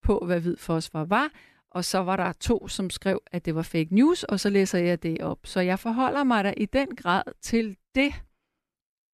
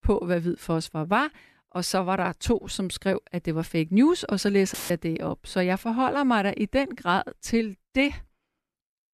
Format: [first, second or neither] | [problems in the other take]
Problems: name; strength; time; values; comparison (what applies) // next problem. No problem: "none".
first | audio cutting out; filled with static; at 4.5 s